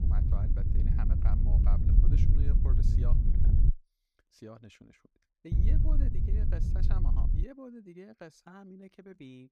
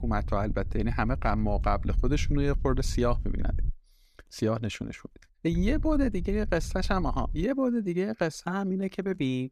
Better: second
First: wind noise on the microphone; heavy; until 3.5 s and from 5.5 to 7.5 s; 4 dB above the speech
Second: wind noise on the microphone; occasional gusts; until 3.5 s and from 5.5 to 7.5 s; 20 dB below the speech

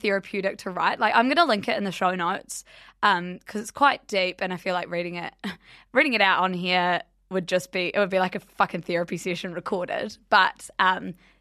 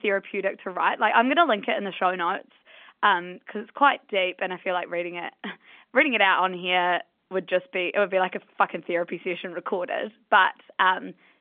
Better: first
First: none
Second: phone-call audio; nothing above 3 kHz

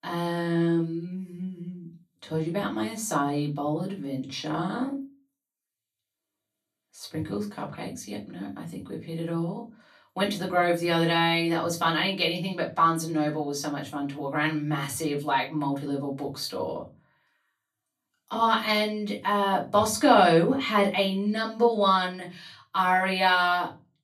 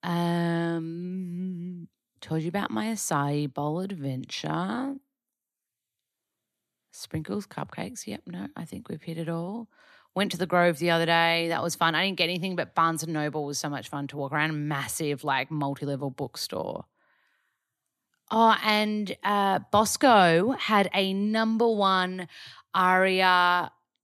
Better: second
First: off-mic speech; far // room echo; very slight; dies away in 0.2 s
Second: none

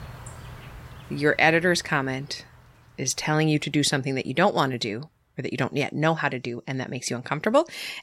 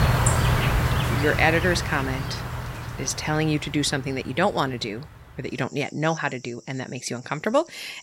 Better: first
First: animal sounds; faint; throughout; 20 dB below the speech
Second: animal sounds; loud; throughout; as loud as the speech

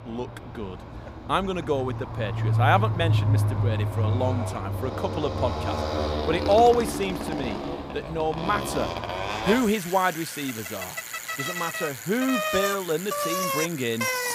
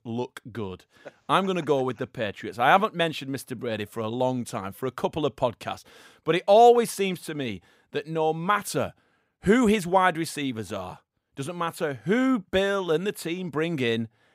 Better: second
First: traffic noise; loud; throughout; 1 dB below the speech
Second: none

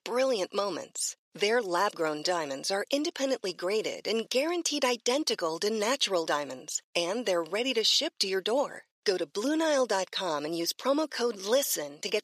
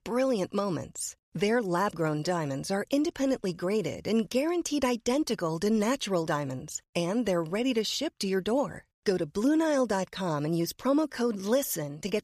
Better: second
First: thin; somewhat; fading below 450 Hz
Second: none

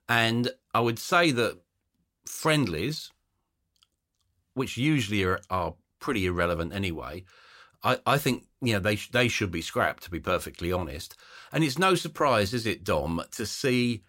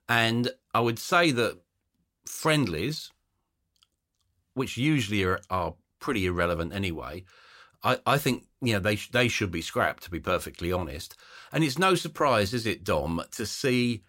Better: neither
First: none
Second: none

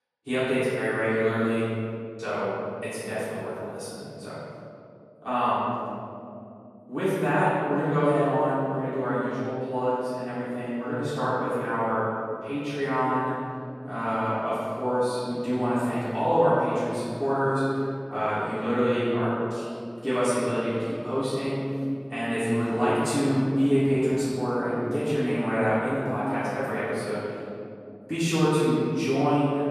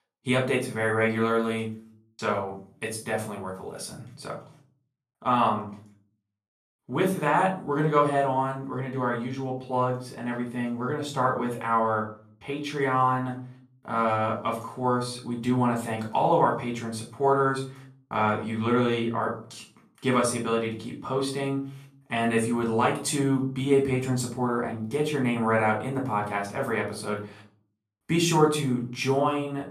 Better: second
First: room echo; strong; dies away in 2.7 s // off-mic speech; far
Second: room echo; slight; dies away in 0.4 s // off-mic speech; far

